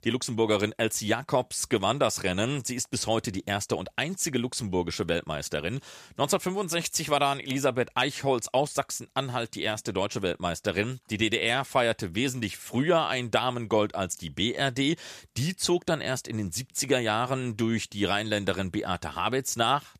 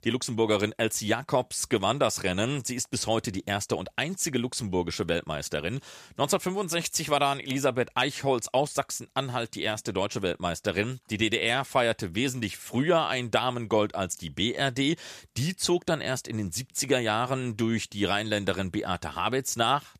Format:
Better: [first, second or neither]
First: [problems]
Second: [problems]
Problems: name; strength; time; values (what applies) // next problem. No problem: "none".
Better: neither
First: none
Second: none